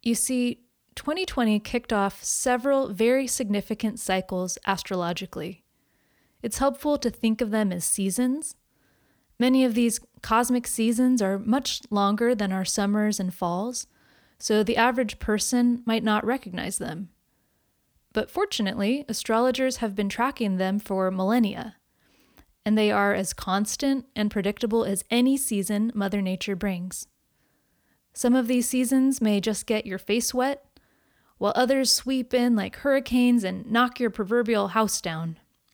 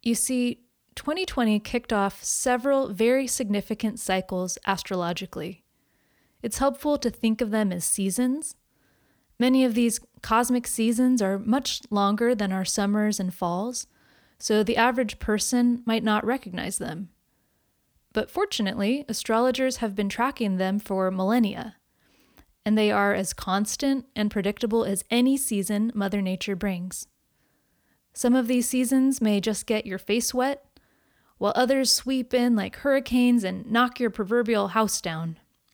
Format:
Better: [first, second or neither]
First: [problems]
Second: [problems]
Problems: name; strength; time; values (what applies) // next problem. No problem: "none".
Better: neither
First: none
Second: none